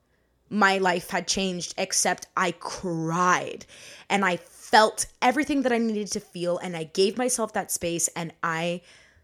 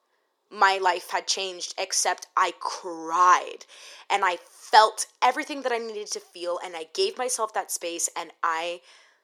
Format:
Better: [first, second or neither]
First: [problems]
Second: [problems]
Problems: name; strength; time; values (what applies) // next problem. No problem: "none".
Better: first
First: none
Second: thin; very; fading below 350 Hz